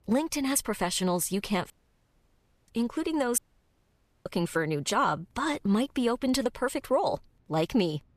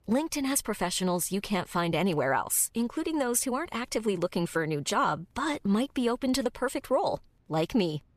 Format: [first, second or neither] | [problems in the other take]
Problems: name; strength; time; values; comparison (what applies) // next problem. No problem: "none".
second | audio cutting out; at 1.5 s for 1 s and at 3.5 s for 1 s